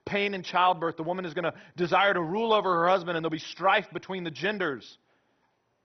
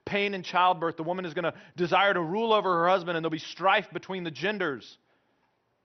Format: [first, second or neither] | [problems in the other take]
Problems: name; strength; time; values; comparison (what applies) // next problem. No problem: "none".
second | garbled, watery; badly; nothing above 6 kHz; slightly in the second